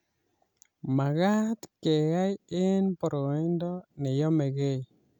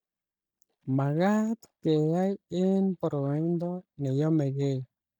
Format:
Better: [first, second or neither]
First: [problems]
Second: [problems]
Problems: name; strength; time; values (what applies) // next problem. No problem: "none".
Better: first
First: none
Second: noise reduction (neural mask model DeepFilterNet 3)